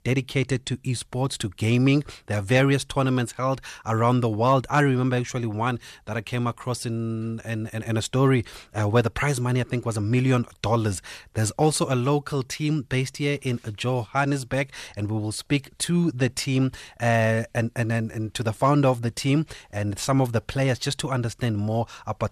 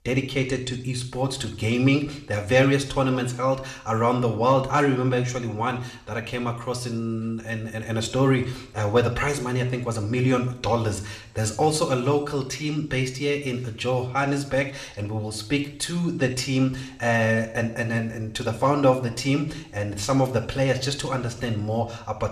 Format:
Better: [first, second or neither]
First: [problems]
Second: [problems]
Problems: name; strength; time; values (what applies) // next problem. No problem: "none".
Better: first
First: none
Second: room echo; slight; dies away in 0.7 s